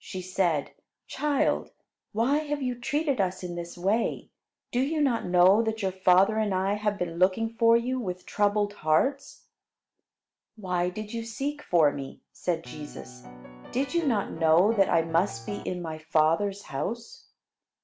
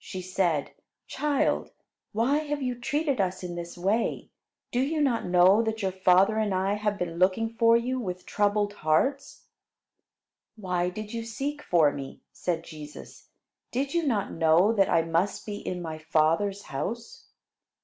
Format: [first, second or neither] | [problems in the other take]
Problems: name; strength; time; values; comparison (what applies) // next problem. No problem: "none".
second | background sound (Piano); 14 dB below the speech